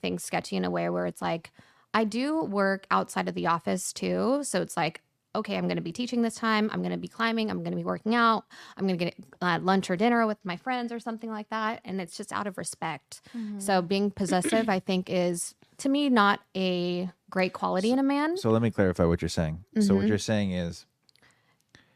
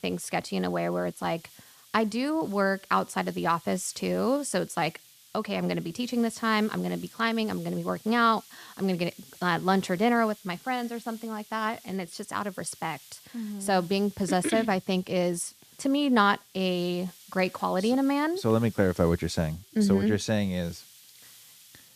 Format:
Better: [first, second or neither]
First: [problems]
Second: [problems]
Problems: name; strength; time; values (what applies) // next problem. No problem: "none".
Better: first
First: none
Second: hiss; faint; throughout; 20 dB below the speech